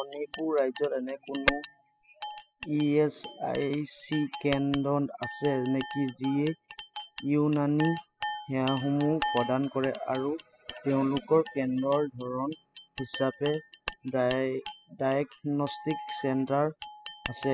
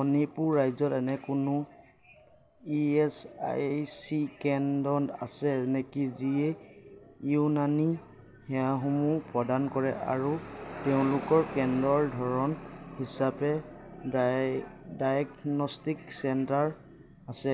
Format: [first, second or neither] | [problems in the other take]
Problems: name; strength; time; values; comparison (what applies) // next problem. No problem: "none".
second | noise reduction (classical method spectral subtraction)